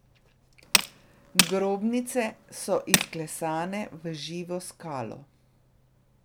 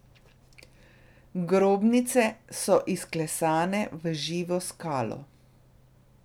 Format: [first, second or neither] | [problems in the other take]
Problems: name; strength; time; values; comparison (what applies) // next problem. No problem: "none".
second | background sound (Tools); 3 dB above the speech